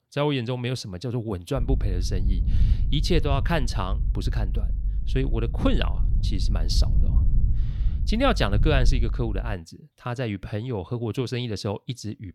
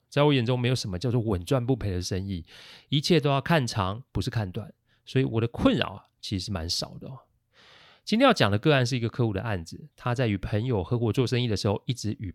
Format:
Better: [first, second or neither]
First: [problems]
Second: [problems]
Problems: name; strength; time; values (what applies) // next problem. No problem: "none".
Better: second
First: low rumble; noticeable; from 1.5 to 9.5 s; 15 dB below the speech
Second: none